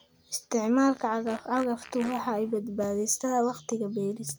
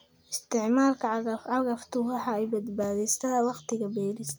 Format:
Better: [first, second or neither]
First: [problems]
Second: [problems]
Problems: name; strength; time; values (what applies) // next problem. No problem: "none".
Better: second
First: background sound (Fart); 19 dB below the speech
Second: none